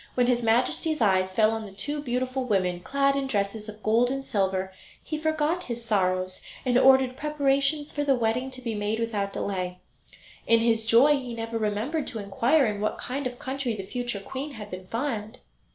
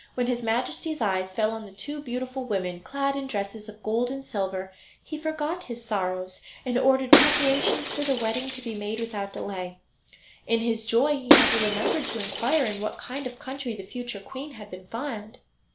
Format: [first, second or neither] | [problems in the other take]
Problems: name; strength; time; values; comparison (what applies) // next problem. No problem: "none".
first | background sound (Shatter); 3 dB above the speech